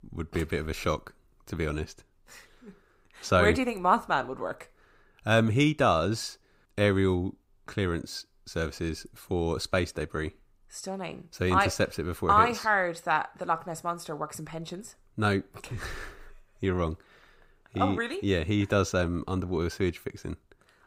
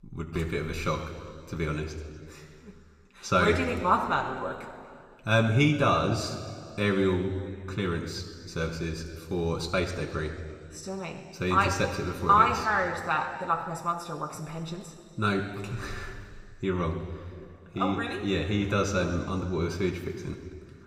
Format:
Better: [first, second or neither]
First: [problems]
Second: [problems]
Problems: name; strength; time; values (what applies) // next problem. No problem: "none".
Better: first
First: none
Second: room echo; slight; dies away in 2.2 s